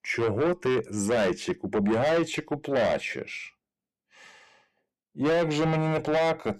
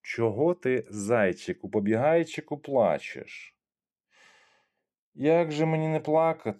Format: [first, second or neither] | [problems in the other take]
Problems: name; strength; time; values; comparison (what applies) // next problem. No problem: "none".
second | distortion; heavy; 6 dB below the speech